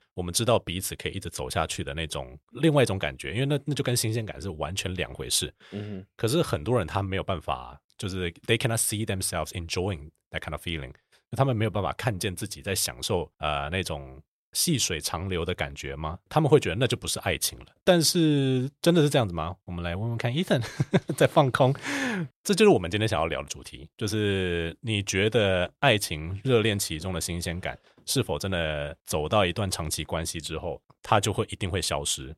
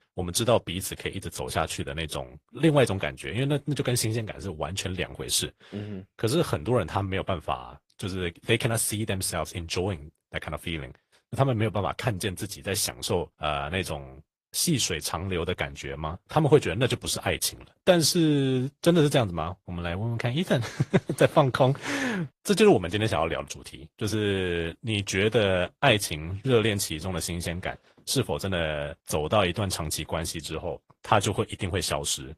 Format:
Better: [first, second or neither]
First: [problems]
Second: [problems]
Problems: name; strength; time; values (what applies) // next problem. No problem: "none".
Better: first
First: none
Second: garbled, watery; slightly